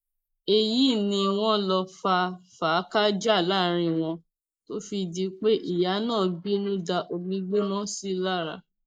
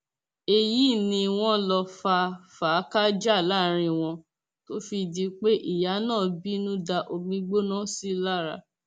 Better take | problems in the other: second | noise reduction (neural mask model Resemble Enhance denoiser)

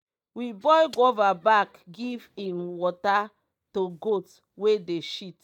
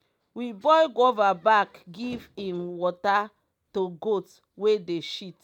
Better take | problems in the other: second | noise reduction (neural mask model DeepFilterNet 3)

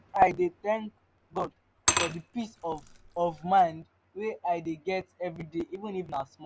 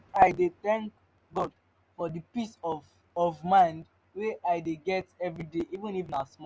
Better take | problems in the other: second | background sound (Glass / Liquid); 4 dB below the speech

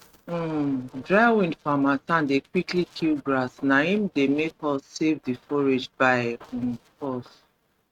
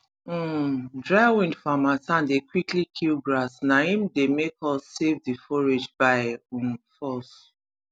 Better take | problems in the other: second | noise reduction (neural mask model RNNoise)

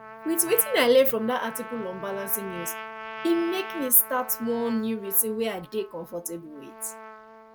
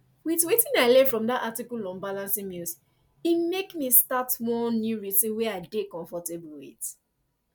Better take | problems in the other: second | background sound (Trumpet); 14 dB below the speech

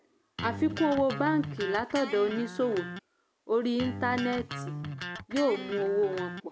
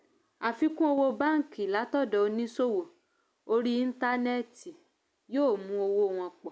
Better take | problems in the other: second | background sound (Electric guitar); 8 dB below the speech

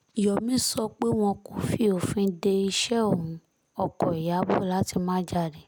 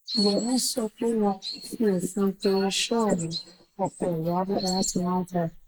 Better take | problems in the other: first | noise reduction (neural mask model Resemble Enhance denoiser)

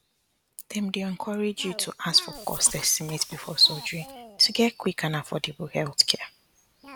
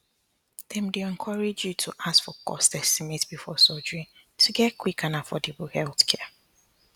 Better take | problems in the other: second | background sound (Cough); 19 dB below the speech

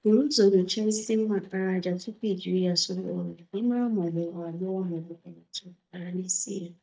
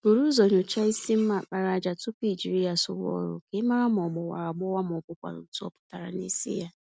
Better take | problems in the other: second | noise reduction (neural mask model DeepFilterNet 3)

